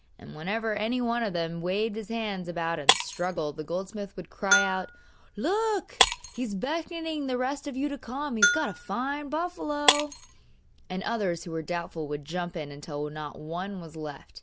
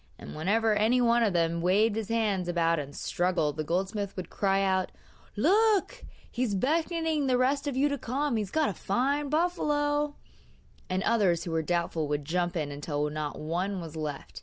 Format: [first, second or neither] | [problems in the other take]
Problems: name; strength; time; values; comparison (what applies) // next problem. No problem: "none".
second | background sound (Shatter + Bell); 1 dB below the speech